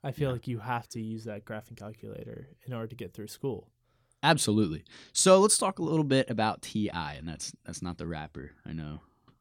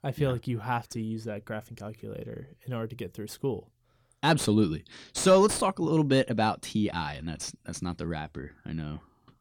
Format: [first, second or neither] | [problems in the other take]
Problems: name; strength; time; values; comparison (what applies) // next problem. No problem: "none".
first | distortion; slight; 10 dB below the speech